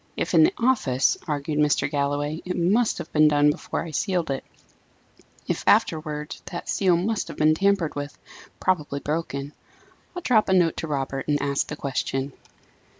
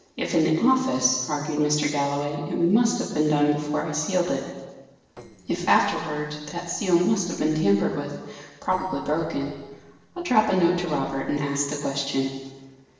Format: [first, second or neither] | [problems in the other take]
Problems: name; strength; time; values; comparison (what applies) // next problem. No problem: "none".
first | noise reduction (neural separator model SepFormer DNS4)